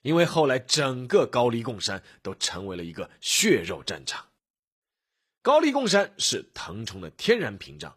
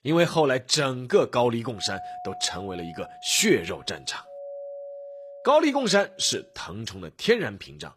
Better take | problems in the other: first | doorbell; faint; from 2 to 6.5 s; peak 15 dB below the speech

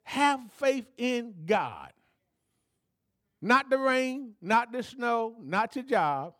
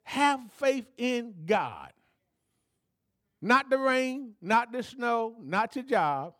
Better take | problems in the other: neither | none

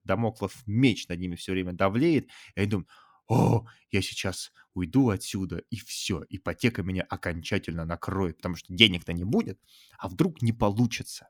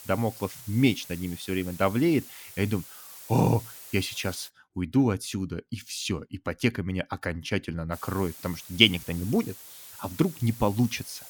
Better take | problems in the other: first | hiss; noticeable; until 4.5 s and from 8 s on; 15 dB below the speech

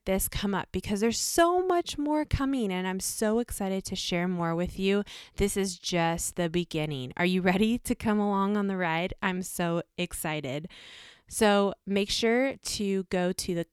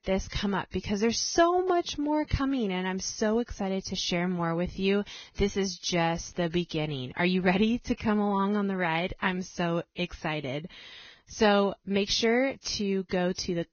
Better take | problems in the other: first | garbled, watery; badly; nothing above 6.5 kHz

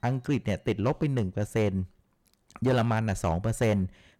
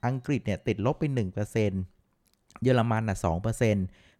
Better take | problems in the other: second | distortion; slight; 5% of the sound clipped

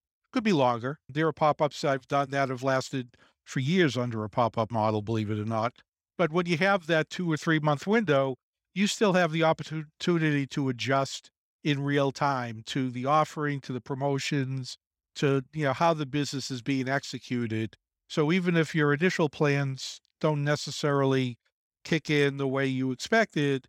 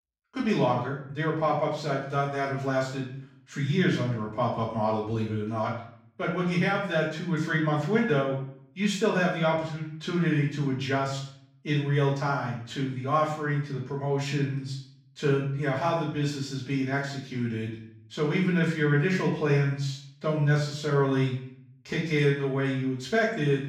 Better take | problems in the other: first | room echo; noticeable; dies away in 0.6 s // off-mic speech; far

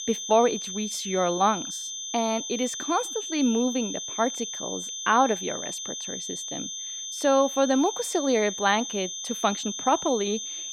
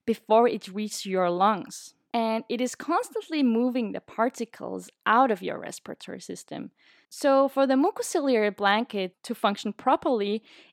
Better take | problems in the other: second | high-pitched whine; loud; throughout; 6 kHz, 6 dB below the speech

